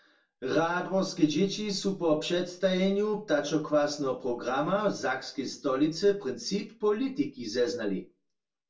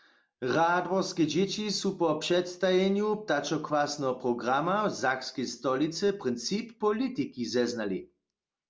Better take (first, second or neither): second